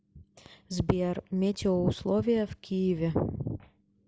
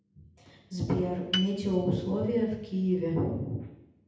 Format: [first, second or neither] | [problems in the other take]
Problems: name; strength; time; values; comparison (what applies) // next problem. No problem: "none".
first | background sound (Piano); 9 dB below the speech // room echo; dies away in 0.8 s